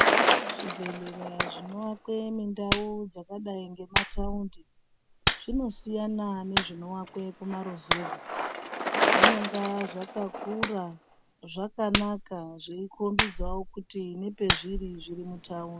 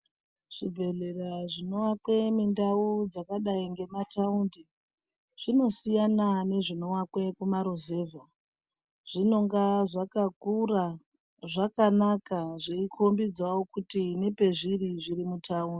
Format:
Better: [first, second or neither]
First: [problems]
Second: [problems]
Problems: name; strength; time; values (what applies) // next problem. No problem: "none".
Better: second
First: background sound (Bicycle + Clapping); 4 dB above the speech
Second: none